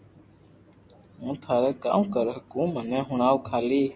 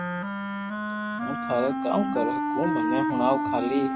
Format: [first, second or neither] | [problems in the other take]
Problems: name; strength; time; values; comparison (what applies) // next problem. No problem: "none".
first | background sound (Wind instrument, woodwind instrument); 1 dB above the speech